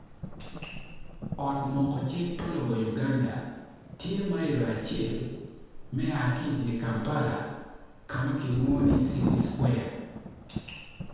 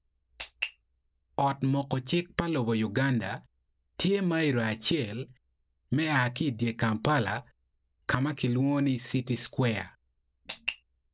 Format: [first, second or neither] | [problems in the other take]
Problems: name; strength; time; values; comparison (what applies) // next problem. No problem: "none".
second | background sound (Thunder); 6 dB below the speech // room echo; dies away in 1.2 s